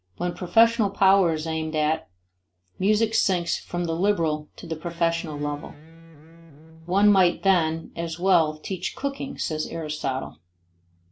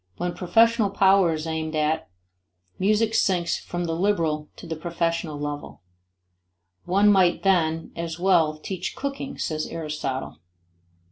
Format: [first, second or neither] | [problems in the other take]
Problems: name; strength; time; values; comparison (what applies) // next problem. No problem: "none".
second | background sound (Electric guitar); 20 dB below the speech